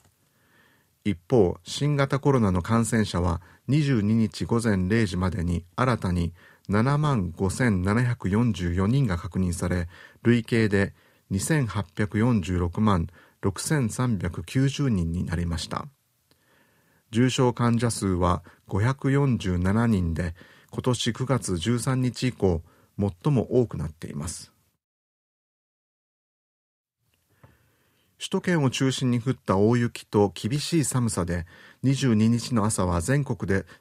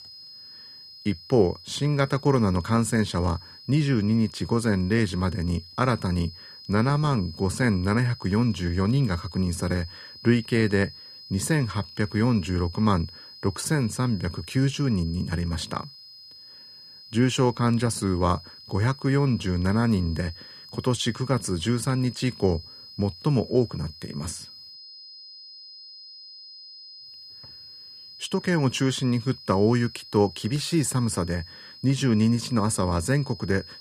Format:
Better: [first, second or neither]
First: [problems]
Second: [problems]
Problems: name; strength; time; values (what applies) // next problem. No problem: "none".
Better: first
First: none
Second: high-pitched whine; noticeable; throughout; 5 kHz, 15 dB below the speech